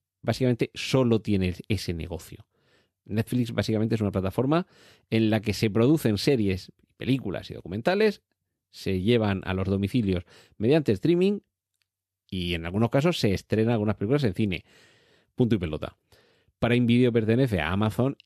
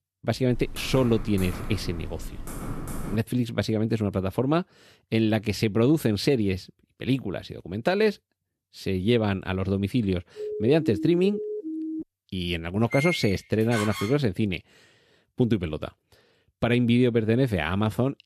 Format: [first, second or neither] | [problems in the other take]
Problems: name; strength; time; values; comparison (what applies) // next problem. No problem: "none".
first | keyboard typing; noticeable; until 3 s; peak 10 dB below the speech // siren; noticeable; from 10 to 12 s; peak 7 dB below the speech // door banging; noticeable; from 13 to 14 s; peak 4 dB below the speech